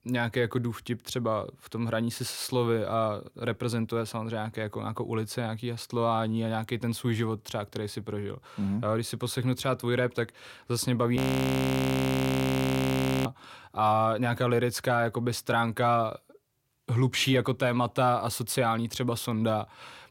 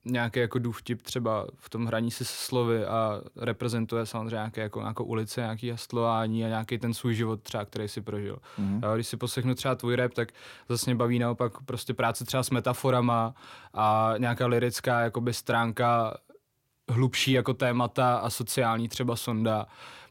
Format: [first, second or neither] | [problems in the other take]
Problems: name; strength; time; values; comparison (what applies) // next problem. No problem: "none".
second | audio freezing; at 11 s for 2 s